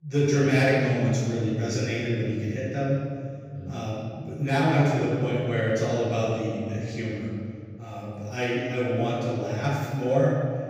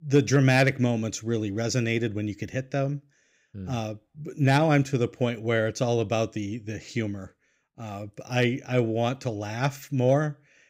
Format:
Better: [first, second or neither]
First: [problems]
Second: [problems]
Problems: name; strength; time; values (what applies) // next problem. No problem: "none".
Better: second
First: off-mic speech; far // room echo; strong; dies away in 2 s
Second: none